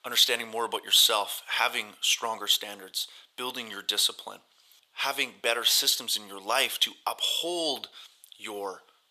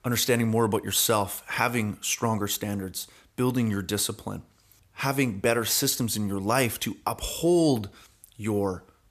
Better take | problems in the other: second | thin; very; fading below 700 Hz

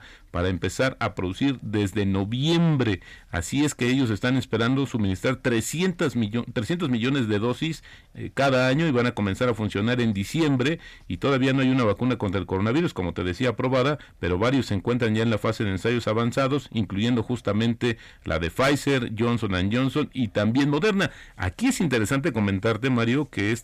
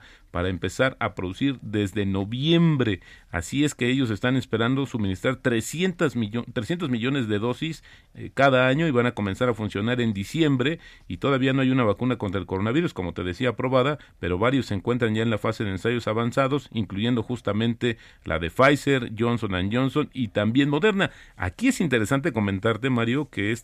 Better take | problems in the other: second | distortion; slight; 10 dB below the speech

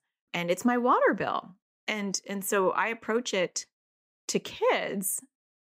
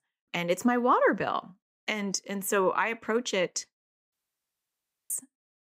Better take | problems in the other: first | audio cutting out; at 4 s for 1 s

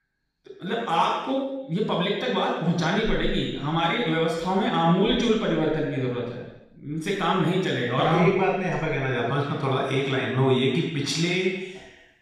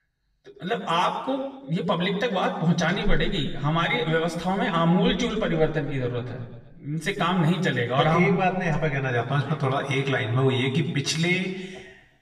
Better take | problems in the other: second | room echo; strong; dies away in 0.9 s; slight in the second // off-mic speech; far; somewhat distant in the second

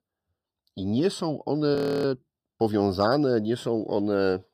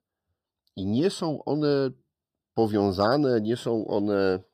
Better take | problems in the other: second | audio freezing; at 2 s

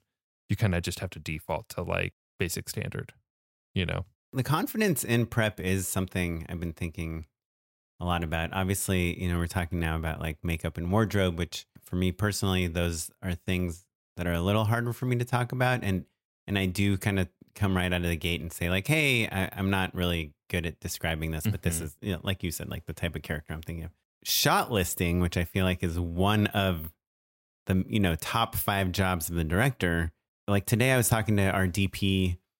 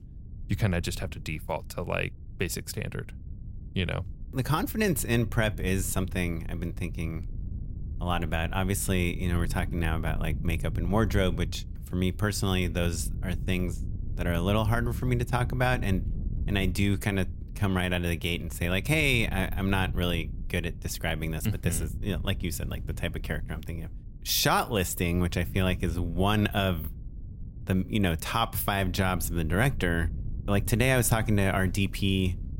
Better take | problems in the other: first | wind noise on the microphone; occasional gusts; 20 dB below the speech

